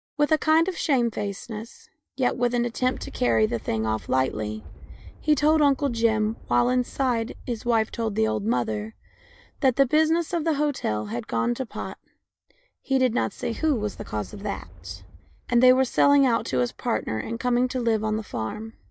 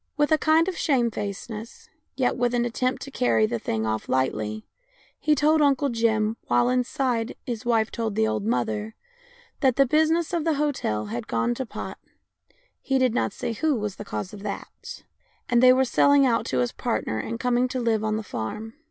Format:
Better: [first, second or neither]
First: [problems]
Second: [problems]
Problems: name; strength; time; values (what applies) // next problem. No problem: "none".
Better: second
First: noise reduction (neural mask model DeepFilterNet 3)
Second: none